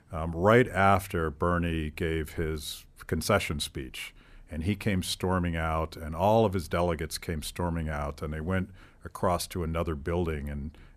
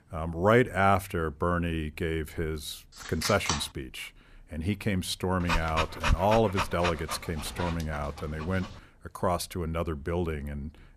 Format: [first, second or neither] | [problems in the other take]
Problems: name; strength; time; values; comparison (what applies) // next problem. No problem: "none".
first | phone ringing; noticeable; at 3 s; peak 1 dB below the speech // dog barking; loud; from 5.5 to 7.5 s; peak 1 dB above the speech